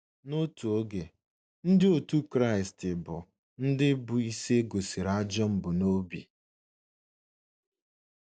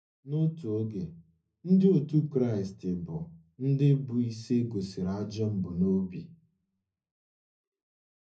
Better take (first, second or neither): first